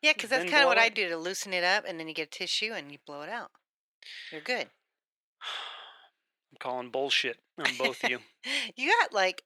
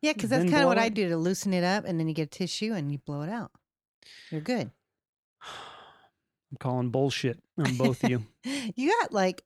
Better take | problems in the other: second | thin; very; fading below 550 Hz

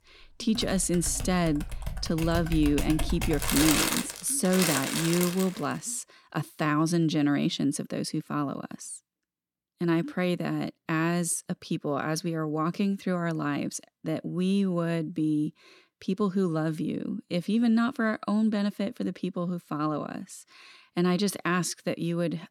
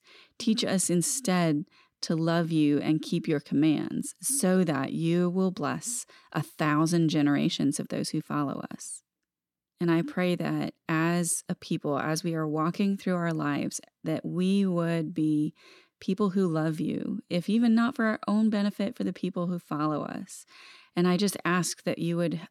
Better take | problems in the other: second | household noises; loud; until 5.5 s; 2 dB below the speech

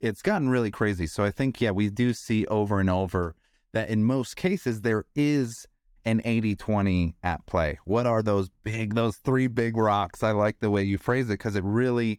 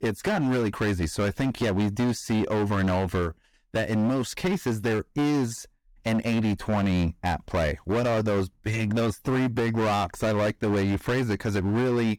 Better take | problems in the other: first | distortion; heavy; 23% of the sound clipped

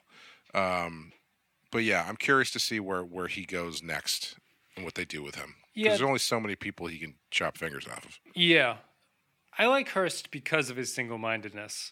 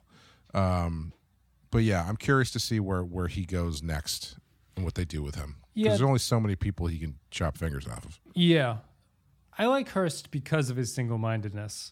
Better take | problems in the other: second | thin; somewhat; fading below 300 Hz

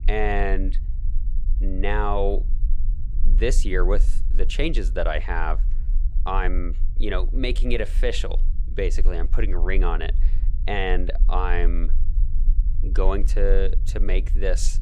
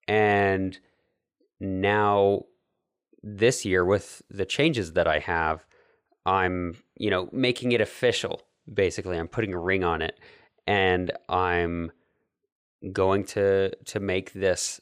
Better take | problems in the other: second | low rumble; faint; throughout; 20 dB below the speech

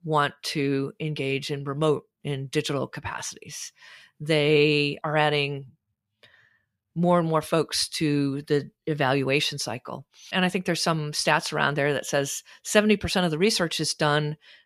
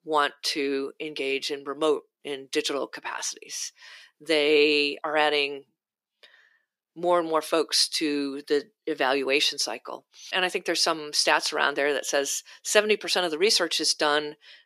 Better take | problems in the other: first | thin; somewhat; fading below 350 Hz

